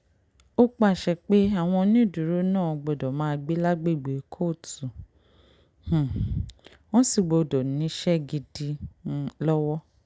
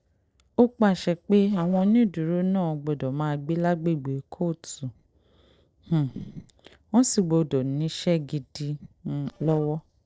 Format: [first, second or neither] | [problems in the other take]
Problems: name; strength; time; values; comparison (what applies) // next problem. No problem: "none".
first | noise reduction (neural separator model SepFormer DNS4)